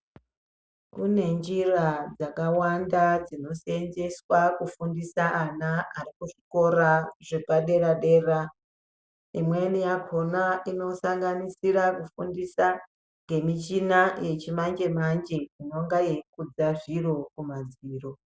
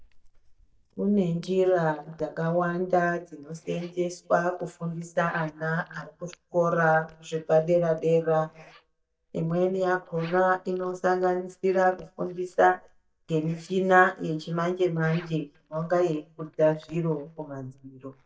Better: first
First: none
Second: noise reduction (neural mask model DeepFilterNet 3)

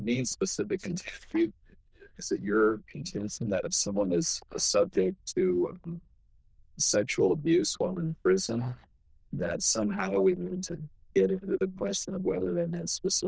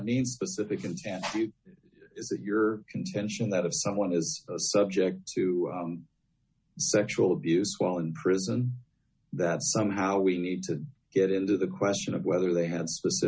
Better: second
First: noise reduction (neural diffusion model UNIVERSE++)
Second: none

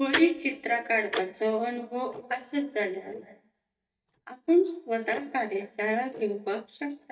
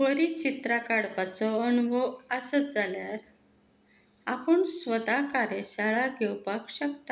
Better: second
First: noise reduction (neural mask model DeepFilterNet 3)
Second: none

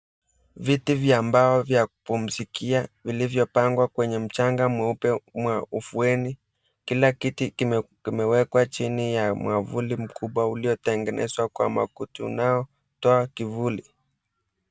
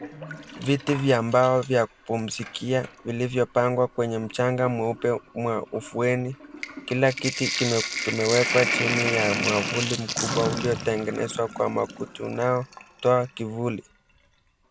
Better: first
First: none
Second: background sound (Sink (filling or washing)); 7 dB below the speech

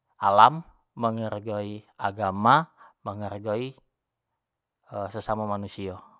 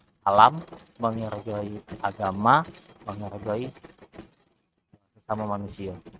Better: first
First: none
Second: noise reduction (neural mask model RNNoise)

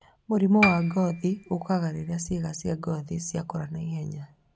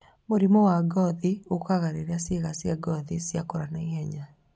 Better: second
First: background sound (Piano); 5 dB below the speech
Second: none

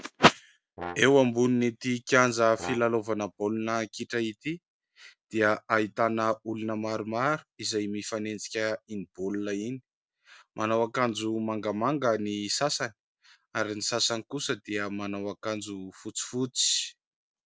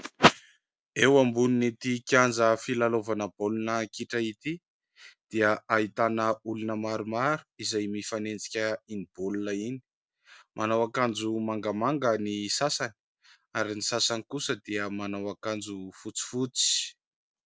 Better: second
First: background sound (Brass instrument); 15 dB below the speech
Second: none

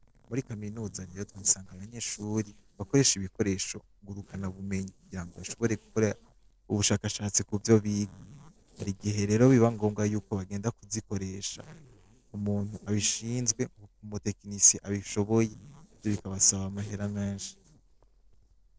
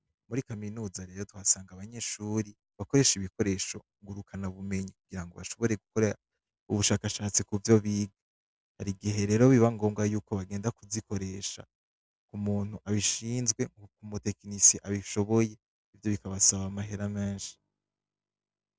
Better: second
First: noise reduction (neural separator model SepFormer DNS4)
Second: none

